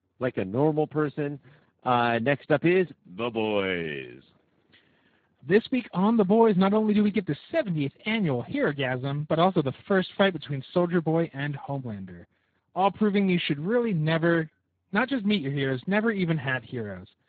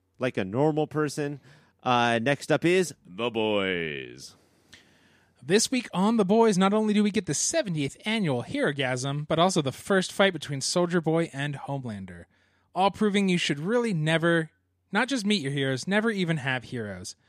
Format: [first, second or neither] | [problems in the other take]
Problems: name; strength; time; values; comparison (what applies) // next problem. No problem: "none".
second | garbled, watery; badly; nothing above 4 kHz